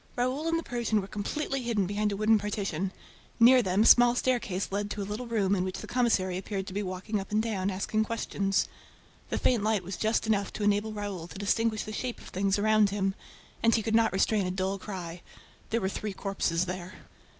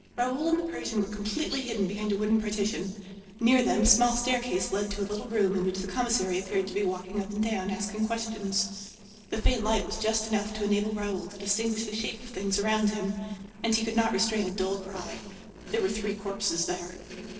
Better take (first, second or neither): first